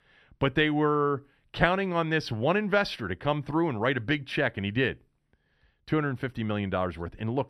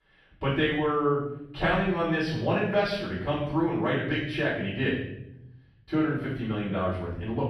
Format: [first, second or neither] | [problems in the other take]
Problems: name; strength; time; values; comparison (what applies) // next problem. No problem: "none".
first | room echo; noticeable; dies away in 0.8 s // off-mic speech; far